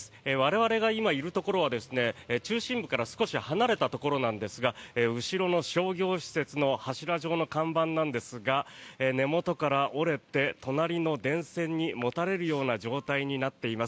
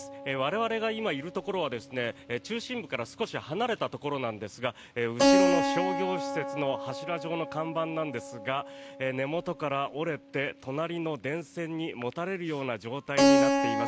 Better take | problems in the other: first | background sound (Keyboard (musical)); 1 dB above the speech

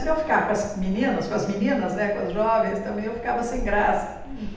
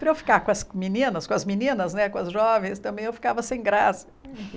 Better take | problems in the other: second | background sound (Subway, metro, underground); 11 dB below the speech // room echo; dies away in 0.8 s

